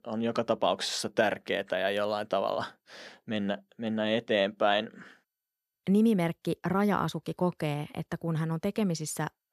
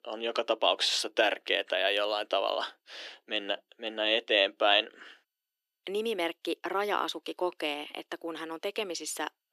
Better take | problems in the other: first | thin; very; fading below 300 Hz

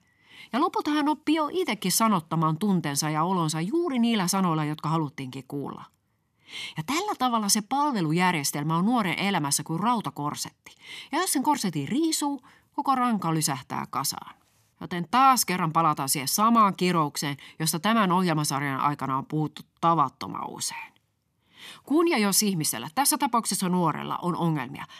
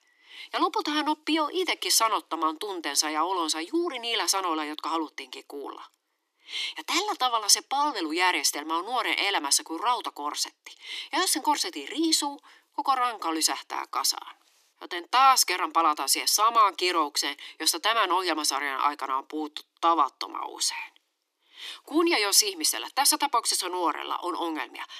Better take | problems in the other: first | thin; very; fading below 300 Hz

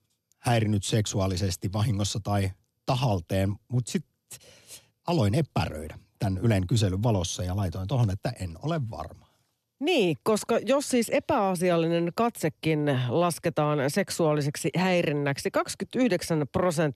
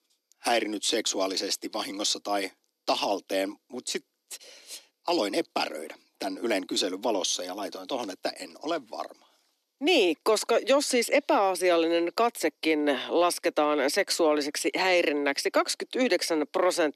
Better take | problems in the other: first | thin; somewhat; fading below 300 Hz

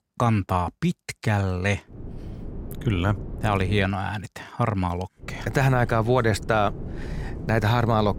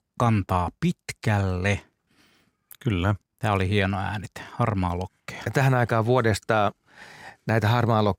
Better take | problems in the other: second | wind noise on the microphone; occasional gusts; from 2 to 4 s and from 5 s on; 20 dB below the speech

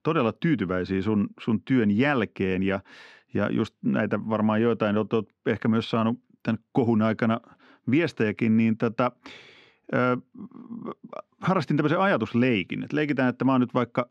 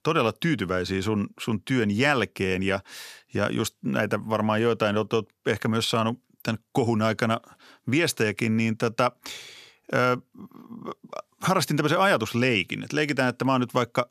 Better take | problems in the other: second | muffled; slightly; fading above 2.5 kHz

